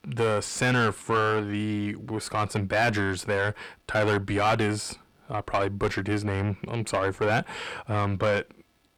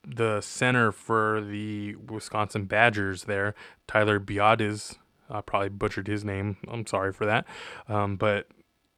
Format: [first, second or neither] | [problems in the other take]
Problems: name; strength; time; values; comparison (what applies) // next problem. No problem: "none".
second | distortion; heavy; 5 dB below the speech